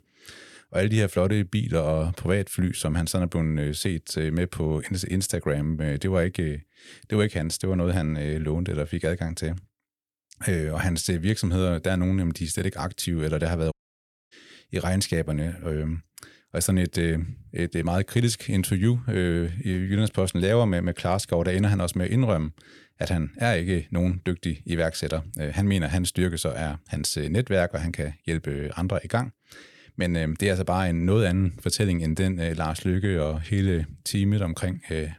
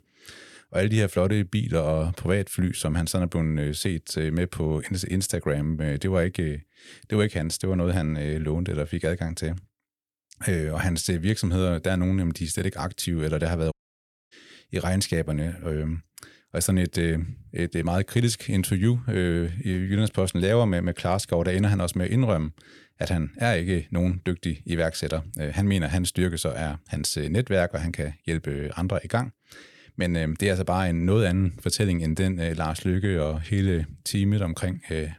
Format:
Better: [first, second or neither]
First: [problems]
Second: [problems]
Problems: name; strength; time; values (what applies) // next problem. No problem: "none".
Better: neither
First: audio cutting out; at 14 s for 0.5 s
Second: audio cutting out; at 14 s for 0.5 s